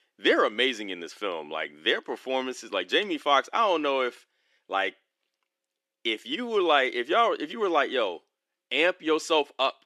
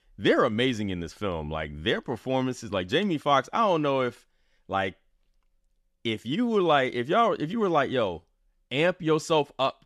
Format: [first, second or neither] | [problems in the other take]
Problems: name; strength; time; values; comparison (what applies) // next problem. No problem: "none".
second | thin; somewhat; fading below 300 Hz